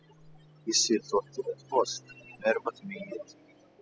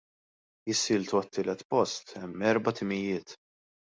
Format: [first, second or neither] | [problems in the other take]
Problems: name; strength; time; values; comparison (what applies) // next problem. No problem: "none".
second | noise reduction (classical method spectral subtraction)